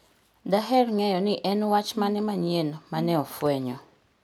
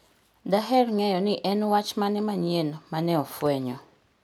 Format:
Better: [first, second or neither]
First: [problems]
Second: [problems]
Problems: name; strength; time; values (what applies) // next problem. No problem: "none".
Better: second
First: background sound (Brass instrument); 15 dB below the speech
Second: none